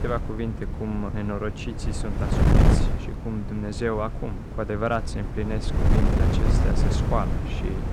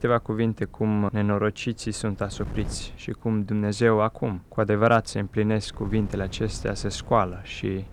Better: second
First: wind noise on the microphone; heavy; 2 dB below the speech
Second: wind noise on the microphone; occasional gusts; 25 dB below the speech

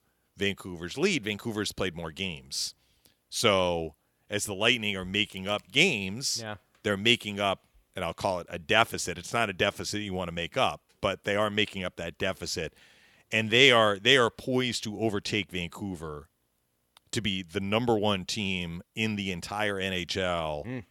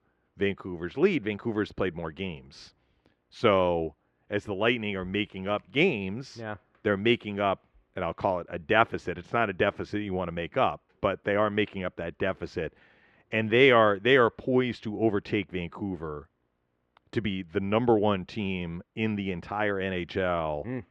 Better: first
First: none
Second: muffled; very; fading above 1.5 kHz

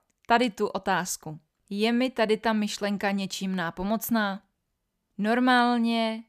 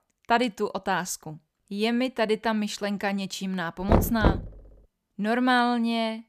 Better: first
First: none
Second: door banging; loud; at 4 s; peak 3 dB above the speech

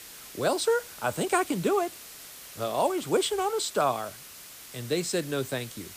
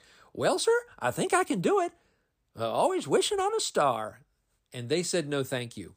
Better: second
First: hiss; noticeable; throughout; 15 dB below the speech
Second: none

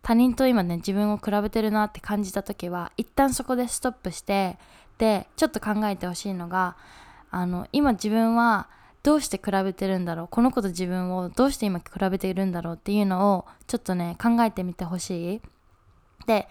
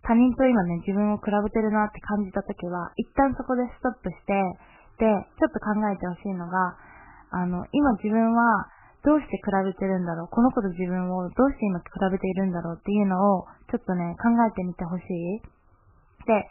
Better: first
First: none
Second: garbled, watery; badly; nothing above 3 kHz

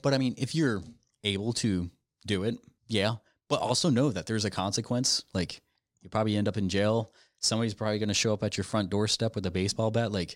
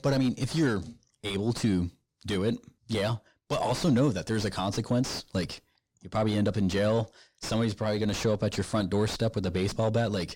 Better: first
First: none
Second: distortion; heavy; 5 dB below the speech

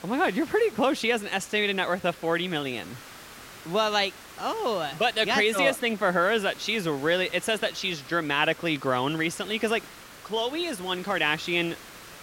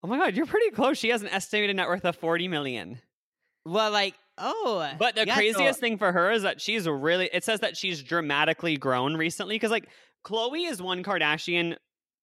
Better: second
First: hiss; noticeable; throughout; 20 dB below the speech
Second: none

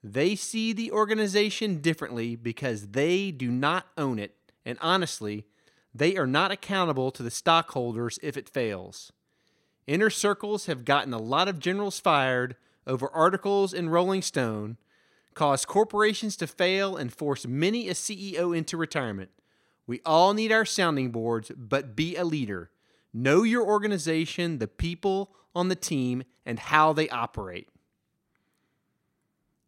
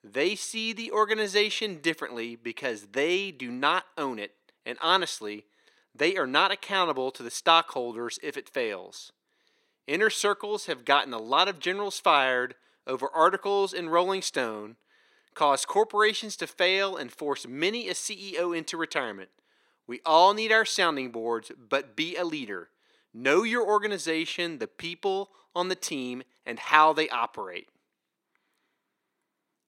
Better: first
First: none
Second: thin; somewhat; fading below 350 Hz

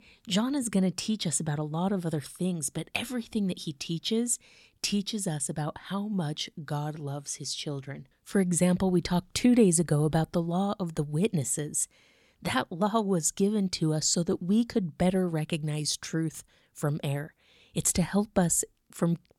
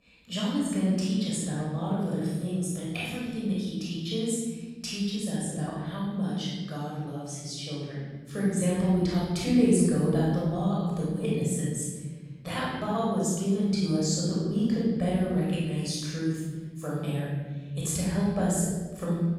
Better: first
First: none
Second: off-mic speech; far // room echo; strong; dies away in 1.8 s

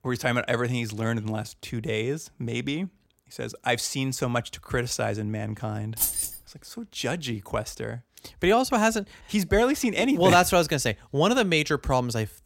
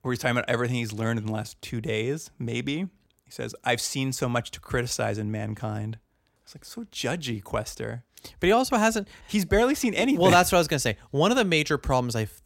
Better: second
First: jangling keys; loud; at 6 s; peak 1 dB above the speech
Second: none

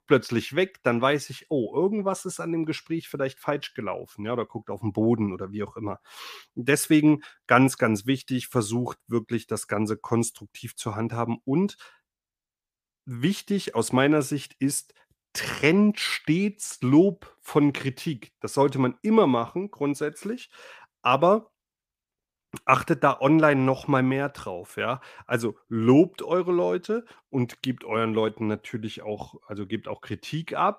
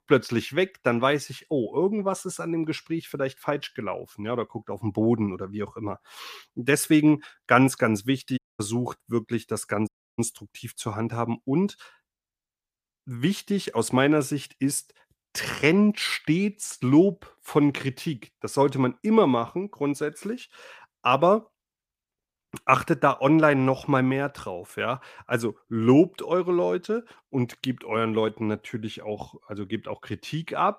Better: first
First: none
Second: audio cutting out; at 8.5 s and at 10 s

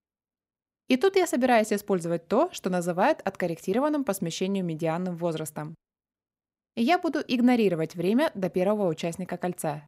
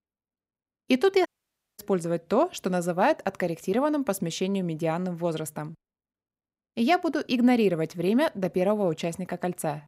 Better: first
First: none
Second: audio cutting out; at 1.5 s for 0.5 s

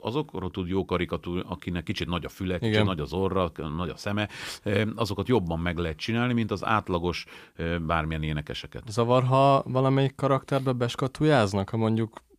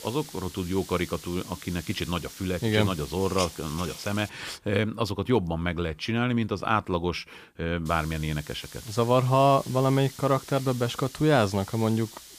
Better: first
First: none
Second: hiss; noticeable; until 4.5 s and from 8 s on; 15 dB below the speech

